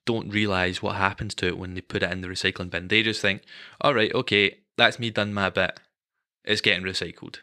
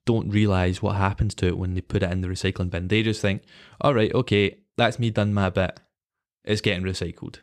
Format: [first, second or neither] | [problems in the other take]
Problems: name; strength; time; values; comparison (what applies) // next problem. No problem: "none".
second | thin; somewhat; fading below 300 Hz